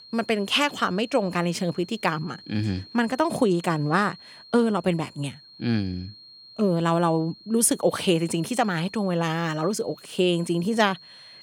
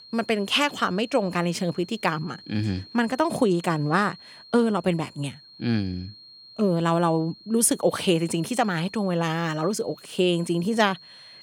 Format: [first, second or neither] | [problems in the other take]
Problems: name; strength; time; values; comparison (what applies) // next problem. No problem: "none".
neither | high-pitched whine; faint; throughout; 4 kHz, 20 dB below the speech; the same in both